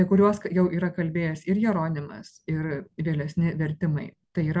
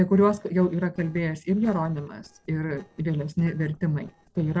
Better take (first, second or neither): first